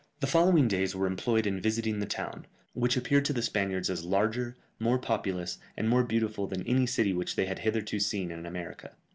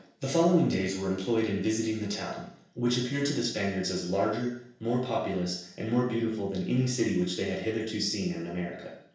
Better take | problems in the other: first | room echo; dies away in 0.7 s

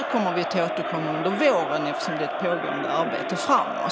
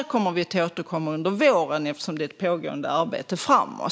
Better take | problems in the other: second | background sound (Crowd); 3 dB below the speech

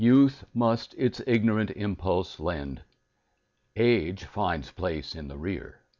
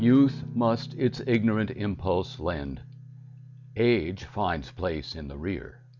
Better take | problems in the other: first | background sound (Guitar); 14 dB below the speech

